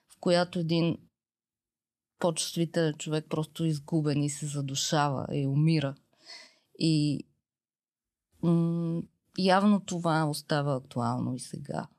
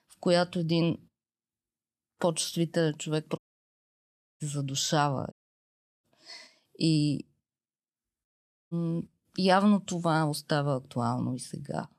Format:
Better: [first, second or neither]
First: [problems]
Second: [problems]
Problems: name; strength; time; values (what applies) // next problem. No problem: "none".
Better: first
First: none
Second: audio cutting out; at 3.5 s for 1 s, at 5.5 s for 0.5 s and at 8.5 s